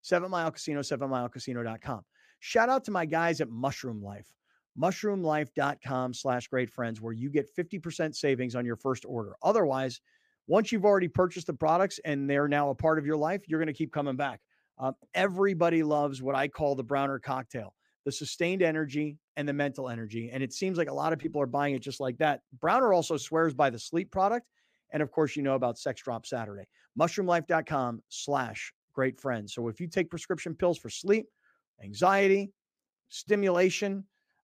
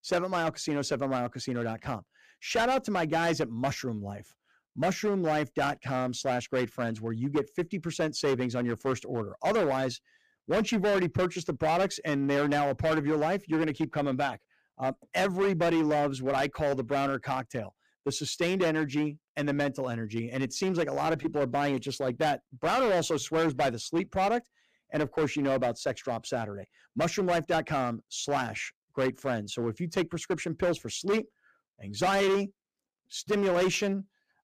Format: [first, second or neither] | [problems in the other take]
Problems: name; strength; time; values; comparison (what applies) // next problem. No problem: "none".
first | distortion; heavy; 10% of the sound clipped